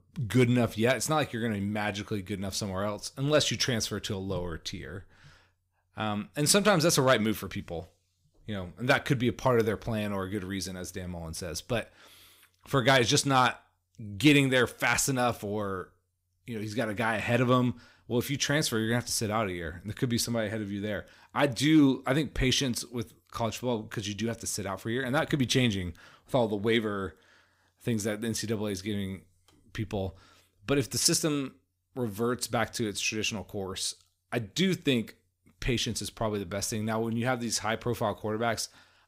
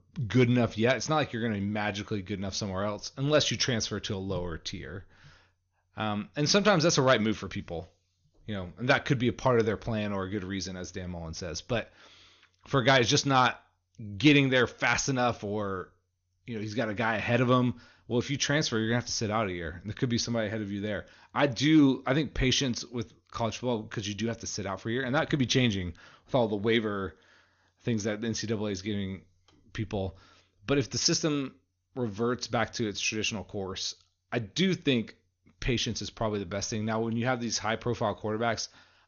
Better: first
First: none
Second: garbled, watery; slightly; nothing above 6.5 kHz

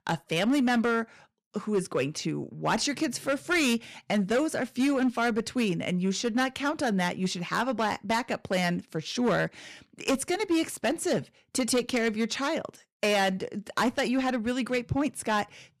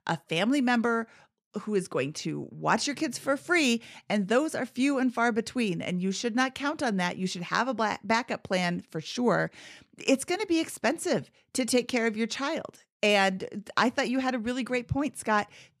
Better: second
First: distortion; slight; 6% of the sound clipped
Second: none

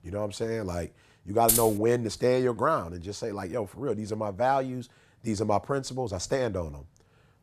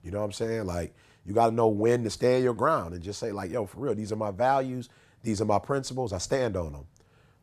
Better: second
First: jangling keys; loud; at 1.5 s; peak 4 dB above the speech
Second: none

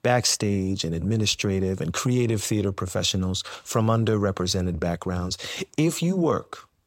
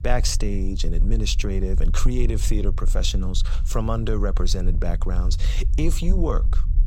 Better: first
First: none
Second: low rumble; noticeable; throughout; 15 dB below the speech

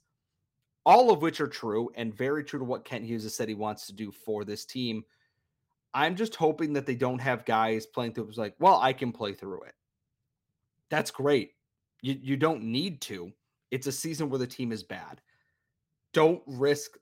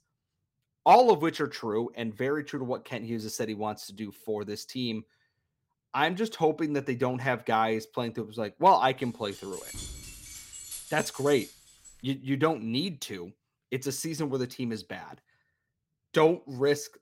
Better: first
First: none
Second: jangling keys; faint; from 9.5 to 12 s; peak 10 dB below the speech

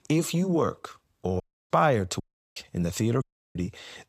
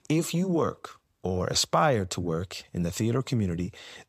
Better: second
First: audio cutting out; at 1.5 s, at 2 s and at 3 s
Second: none

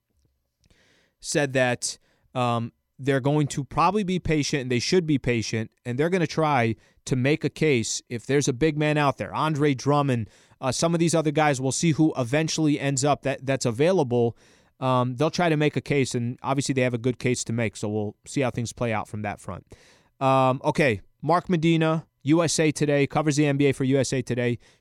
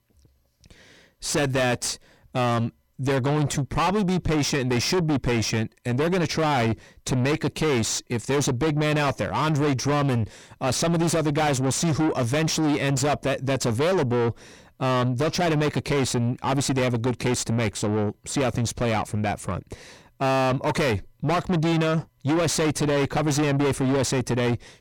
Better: first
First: none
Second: distortion; heavy; 6 dB below the speech

